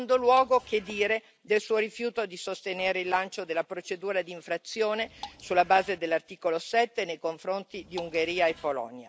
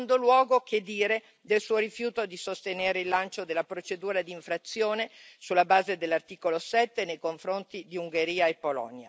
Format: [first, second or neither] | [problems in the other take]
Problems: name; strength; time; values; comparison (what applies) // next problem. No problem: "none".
second | background sound (Drip / Water); 18 dB below the speech